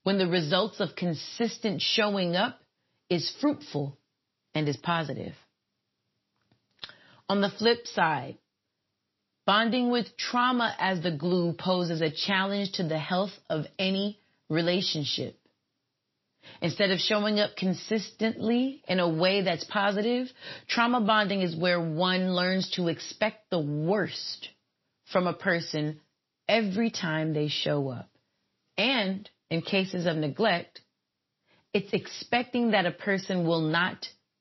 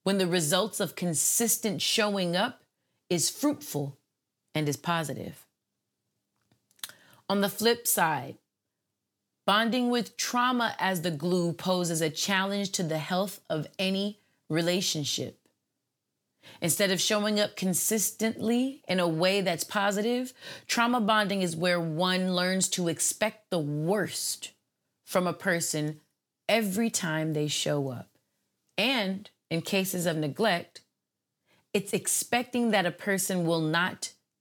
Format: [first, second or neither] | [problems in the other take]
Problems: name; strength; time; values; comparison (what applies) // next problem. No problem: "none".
second | garbled, watery; slightly; nothing above 5.5 kHz